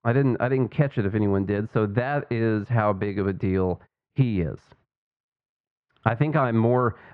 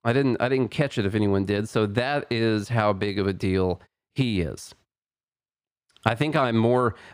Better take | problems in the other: second | muffled; very; fading above 1.5 kHz

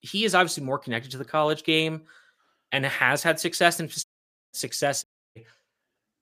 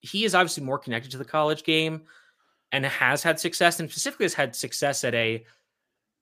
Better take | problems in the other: second | audio cutting out; at 4 s and at 5 s

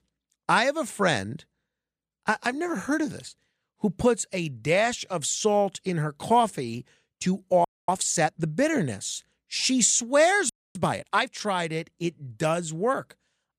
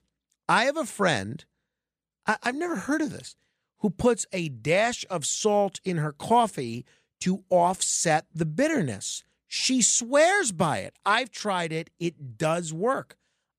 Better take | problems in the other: second | audio freezing; at 7.5 s and at 11 s

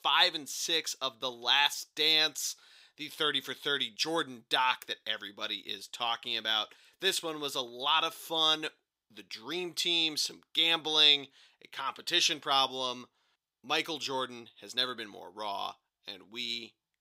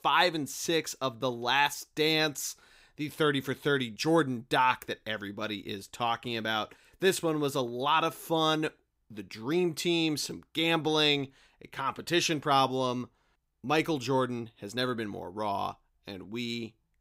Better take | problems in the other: second | thin; somewhat; fading below 800 Hz

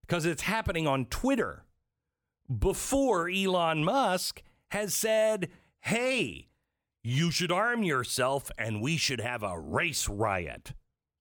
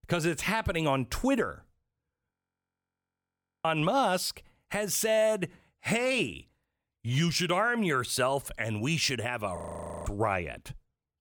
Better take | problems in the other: first | audio freezing; at 2.5 s for 1.5 s and at 9.5 s

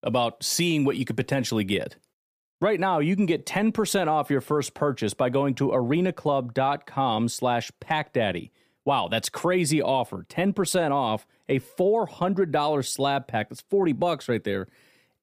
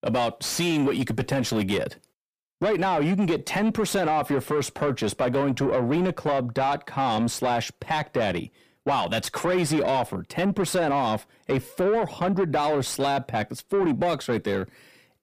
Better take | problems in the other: first | distortion; slight; 10 dB below the speech

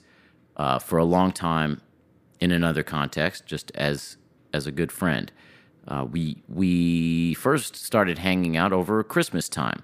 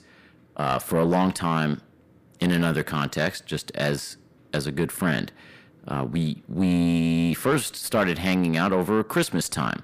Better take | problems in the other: first | distortion; slight; 10 dB below the speech

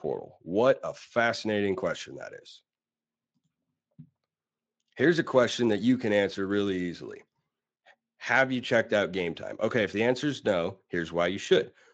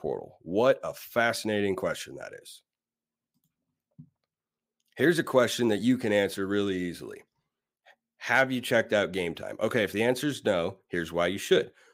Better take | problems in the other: second | garbled, watery; slightly; nothing above 7.5 kHz

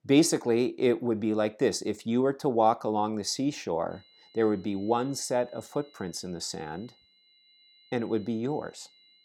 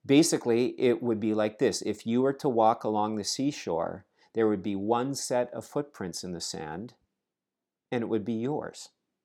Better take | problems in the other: second | high-pitched whine; faint; from 4 s on; 4 kHz, 30 dB below the speech

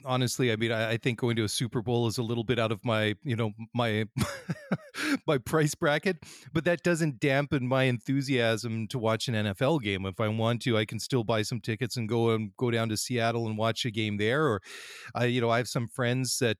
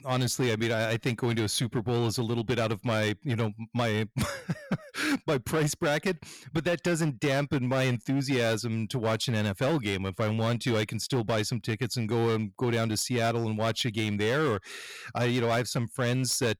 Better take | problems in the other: first | distortion; slight; 11% of the sound clipped

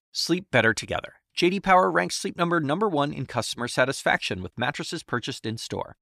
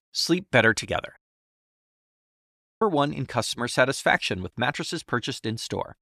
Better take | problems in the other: first | audio cutting out; at 1 s for 1.5 s

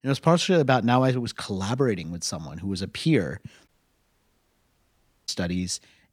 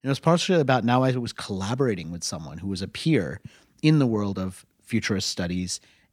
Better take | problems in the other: second | audio cutting out; at 3.5 s for 1.5 s

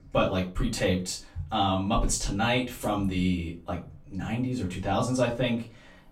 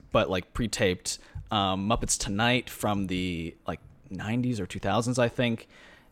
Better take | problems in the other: second | room echo; very slight; dies away in 0.3 s // off-mic speech; far

